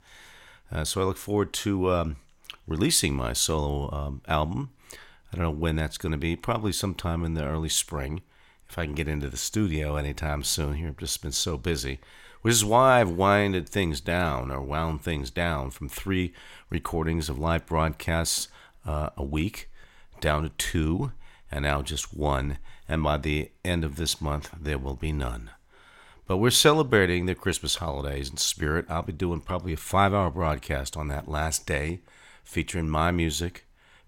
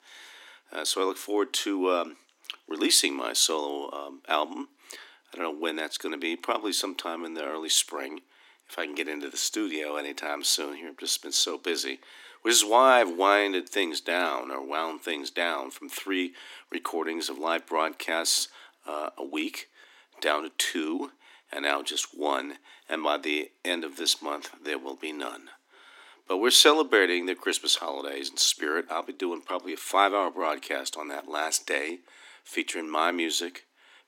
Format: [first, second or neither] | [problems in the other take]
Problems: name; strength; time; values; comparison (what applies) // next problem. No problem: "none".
first | thin; somewhat; fading below 250 Hz